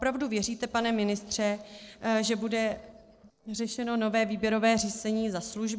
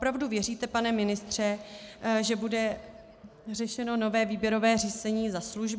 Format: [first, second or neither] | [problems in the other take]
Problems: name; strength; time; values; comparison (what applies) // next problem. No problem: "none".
second | noise reduction (neural separator model SepFormer DNS4)